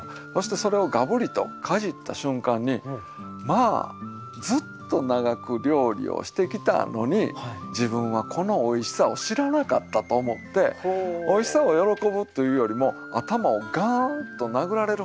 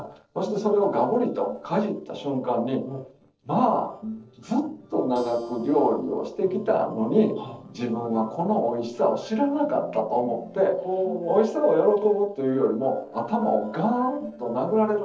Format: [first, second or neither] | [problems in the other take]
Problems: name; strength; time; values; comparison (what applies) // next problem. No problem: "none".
first | noise reduction (neural separator model SepFormer DNS4)